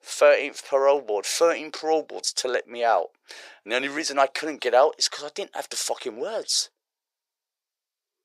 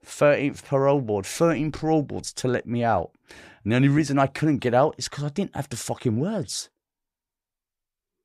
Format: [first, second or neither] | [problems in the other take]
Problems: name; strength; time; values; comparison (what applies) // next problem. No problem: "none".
second | thin; very; fading below 450 Hz